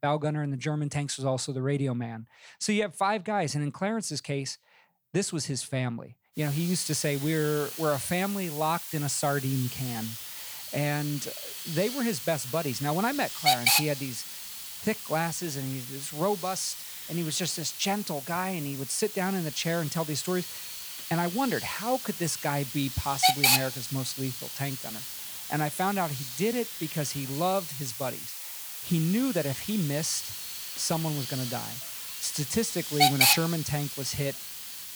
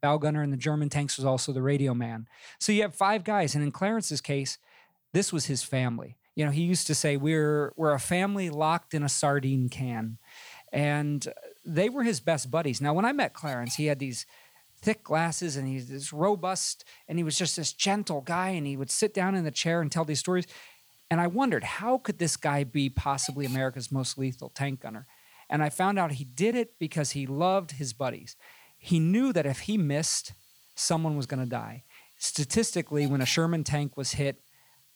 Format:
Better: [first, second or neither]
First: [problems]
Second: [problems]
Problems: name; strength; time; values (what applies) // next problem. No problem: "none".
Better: second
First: hiss; loud; from 6.5 s on; 1 dB below the speech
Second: hiss; faint; from 6.5 s on; 25 dB below the speech